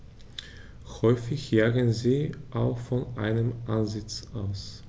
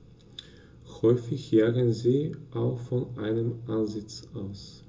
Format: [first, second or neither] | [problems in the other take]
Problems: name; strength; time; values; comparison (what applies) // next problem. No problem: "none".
first | room echo; dies away in 0.2 s